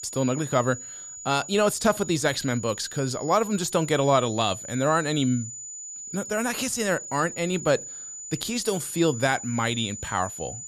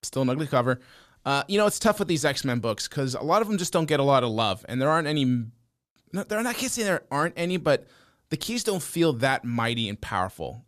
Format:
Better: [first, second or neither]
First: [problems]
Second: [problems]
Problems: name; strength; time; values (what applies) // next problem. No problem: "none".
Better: second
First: high-pitched whine; noticeable; throughout; 7 kHz, 10 dB below the speech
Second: none